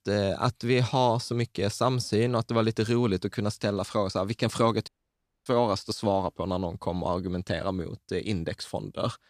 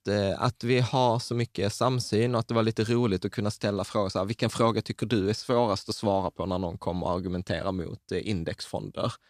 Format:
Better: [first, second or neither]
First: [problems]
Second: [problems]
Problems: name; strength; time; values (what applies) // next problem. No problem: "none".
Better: second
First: audio cutting out; at 5 s for 0.5 s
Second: none